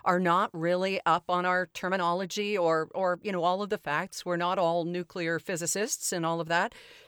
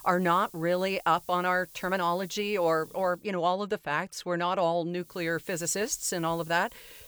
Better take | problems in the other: first | hiss; noticeable; until 3 s and from 5 s on; 20 dB below the speech

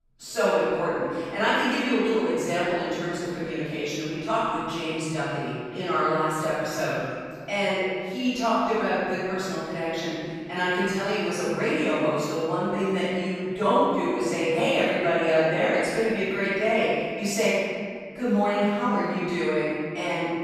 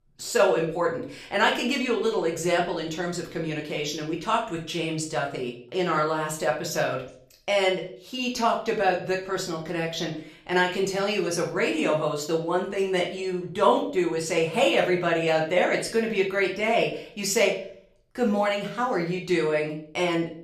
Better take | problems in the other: second | room echo; strong; dies away in 2.2 s; slight in the second // off-mic speech; far; far in the second

